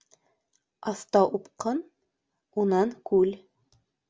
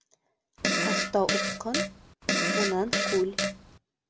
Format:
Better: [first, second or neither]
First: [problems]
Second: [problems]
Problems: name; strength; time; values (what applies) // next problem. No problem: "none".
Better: first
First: none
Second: background sound (Fart); 3 dB above the speech